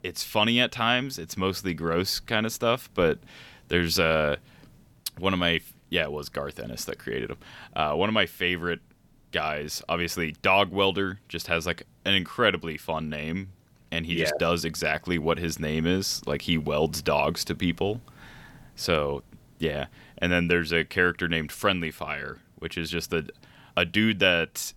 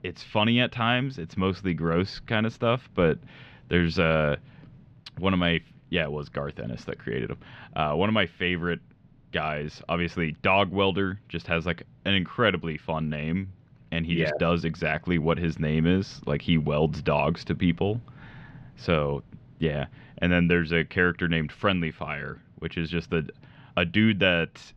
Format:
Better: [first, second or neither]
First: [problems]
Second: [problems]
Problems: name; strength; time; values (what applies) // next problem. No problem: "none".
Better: first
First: none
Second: muffled; slightly; fading above 3 kHz